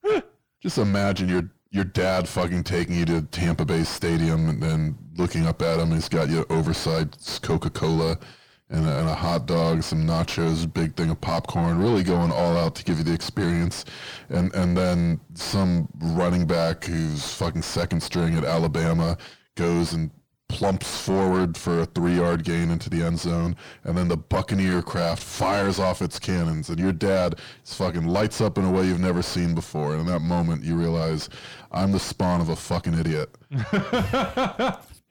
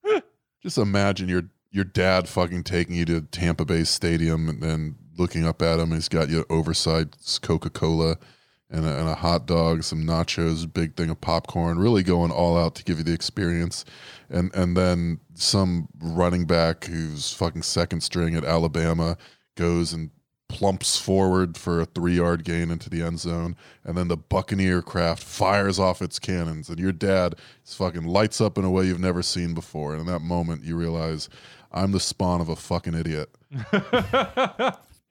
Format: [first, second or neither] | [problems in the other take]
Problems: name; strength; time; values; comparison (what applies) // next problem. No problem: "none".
second | distortion; heavy; 5 dB below the speech